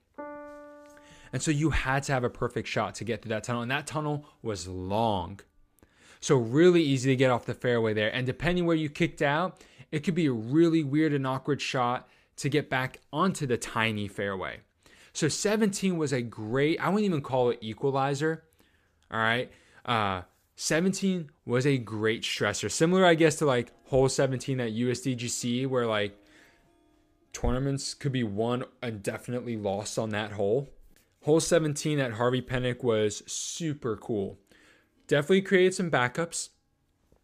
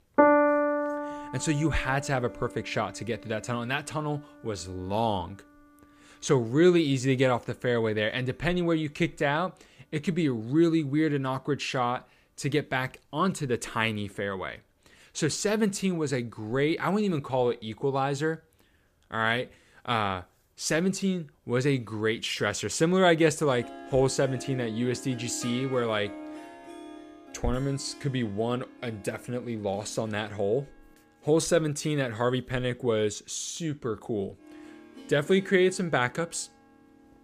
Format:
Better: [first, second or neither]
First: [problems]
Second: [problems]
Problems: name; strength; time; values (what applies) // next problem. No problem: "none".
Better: first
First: background music; faint; throughout; 25 dB below the speech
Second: background music; loud; throughout; 4 dB below the speech